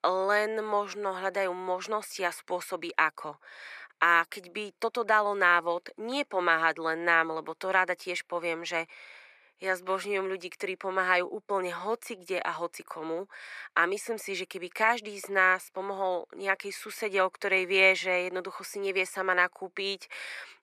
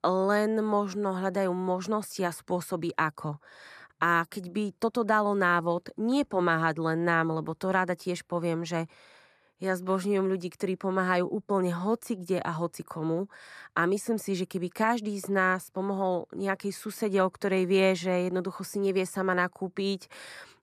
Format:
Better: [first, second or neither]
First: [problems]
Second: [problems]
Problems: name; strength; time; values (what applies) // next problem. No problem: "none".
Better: second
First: thin; very; fading below 500 Hz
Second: none